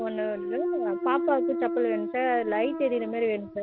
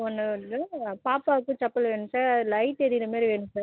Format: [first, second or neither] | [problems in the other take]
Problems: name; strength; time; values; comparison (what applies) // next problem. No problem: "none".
second | background sound (Thump, thud); 3 dB below the speech